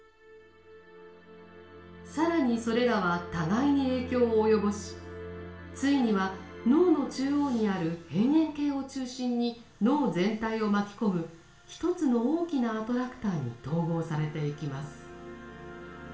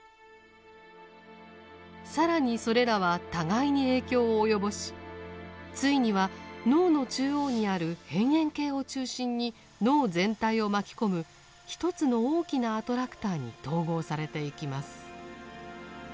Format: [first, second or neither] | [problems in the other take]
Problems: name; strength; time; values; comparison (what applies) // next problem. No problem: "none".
second | room echo; dies away in 0.5 s